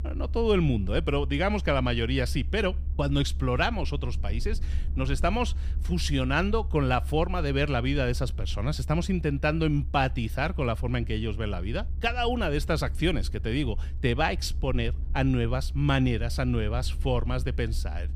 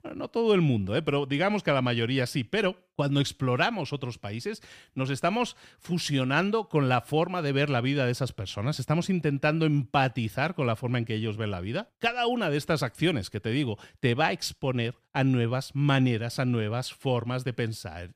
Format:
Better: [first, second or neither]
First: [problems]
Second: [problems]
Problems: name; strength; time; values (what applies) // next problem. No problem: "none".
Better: second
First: low rumble; faint; throughout; 25 dB below the speech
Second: none